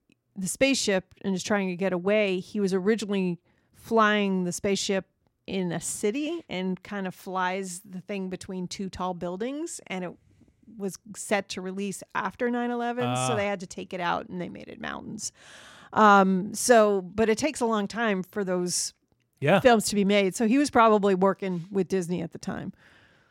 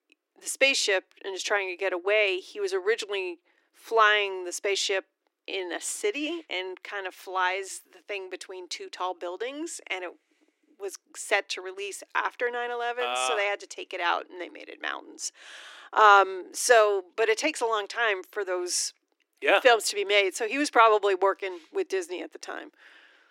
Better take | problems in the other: first | thin; very; fading below 300 Hz

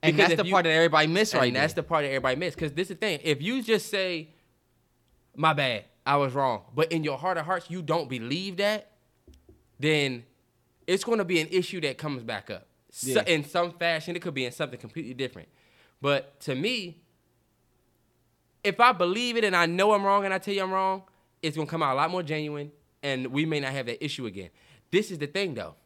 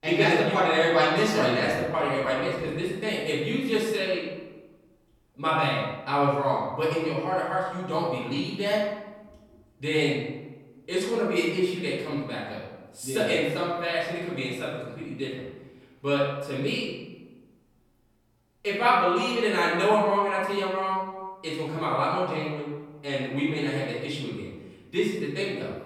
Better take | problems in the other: first | room echo; noticeable; dies away in 1 s // off-mic speech; far

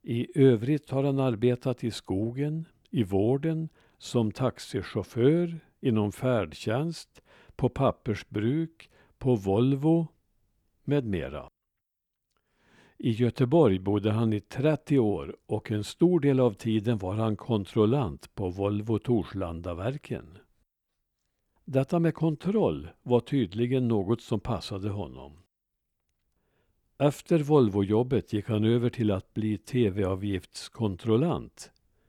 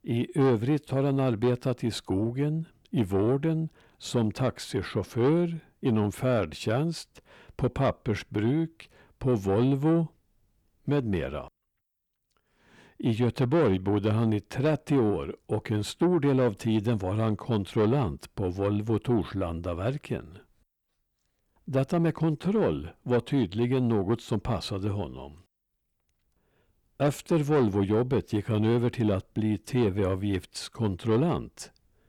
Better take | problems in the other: first | distortion; slight; 10 dB below the speech

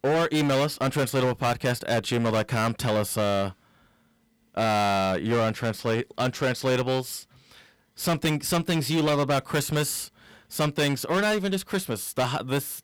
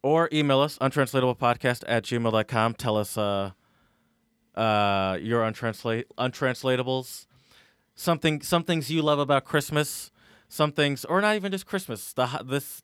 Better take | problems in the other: second | distortion; heavy; 15% of the sound clipped

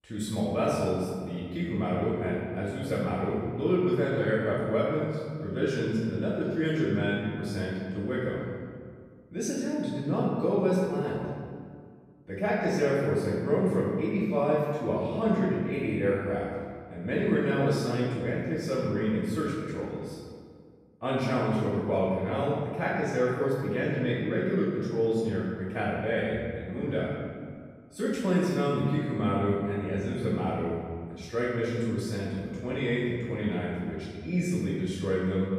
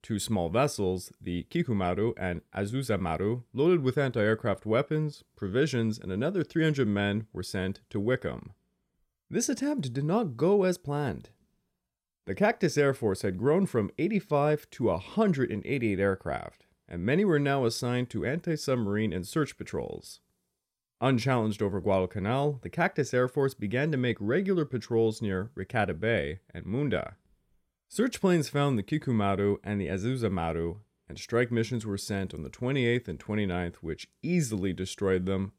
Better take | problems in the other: second | off-mic speech; far // room echo; strong; dies away in 1.8 s

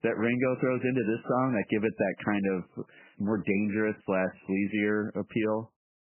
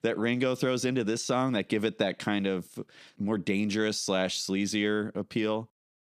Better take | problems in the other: second | garbled, watery; badly; nothing above 2.5 kHz

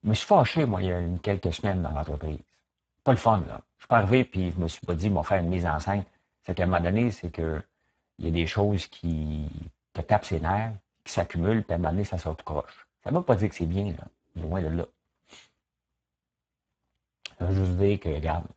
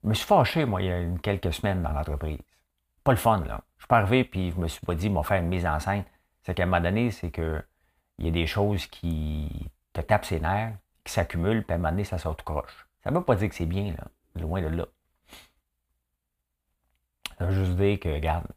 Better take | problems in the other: second | garbled, watery; badly; nothing above 7.5 kHz

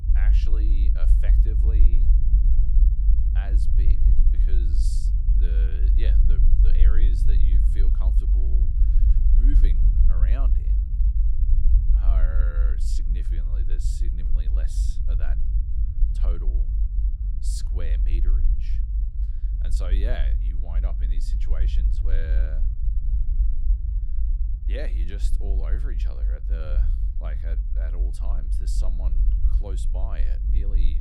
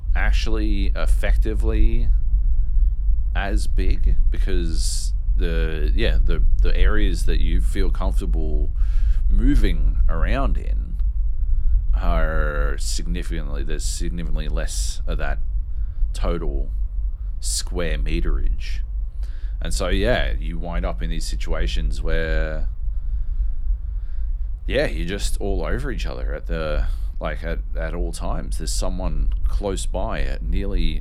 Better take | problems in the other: second | low rumble; loud; throughout; 2 dB below the speech; faint in the second

